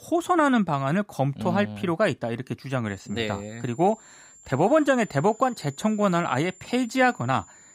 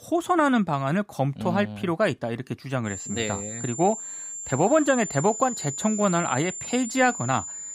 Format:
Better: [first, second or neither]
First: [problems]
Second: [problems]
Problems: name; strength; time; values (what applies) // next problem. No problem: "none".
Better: first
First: high-pitched whine; faint; from 3 s on; 7.5 kHz, 25 dB below the speech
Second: high-pitched whine; loud; from 3 s on; 7.5 kHz, 7 dB below the speech